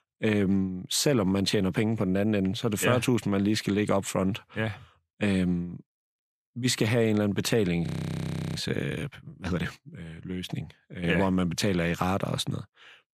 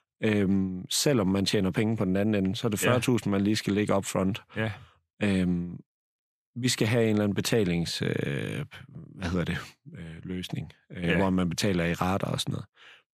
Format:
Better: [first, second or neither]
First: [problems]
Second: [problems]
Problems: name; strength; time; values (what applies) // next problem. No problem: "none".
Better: second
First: audio freezing; at 8 s for 0.5 s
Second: none